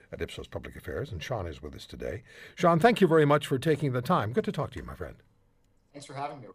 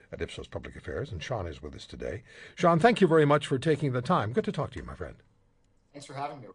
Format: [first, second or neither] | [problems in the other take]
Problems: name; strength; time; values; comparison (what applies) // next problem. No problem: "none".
first | garbled, watery; slightly; nothing above 8.5 kHz